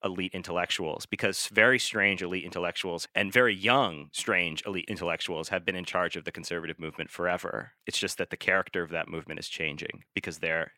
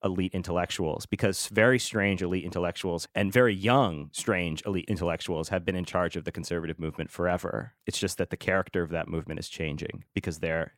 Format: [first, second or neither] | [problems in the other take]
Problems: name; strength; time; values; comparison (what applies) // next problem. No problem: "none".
second | thin; very slightly; fading below 550 Hz